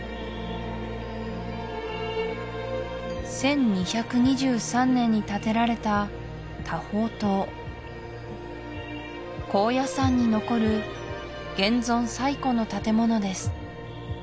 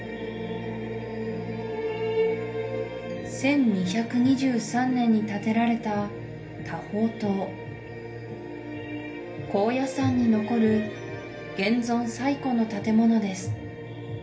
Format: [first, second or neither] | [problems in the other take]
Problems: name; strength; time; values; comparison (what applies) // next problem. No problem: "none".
first | room echo; dies away in 0.3 s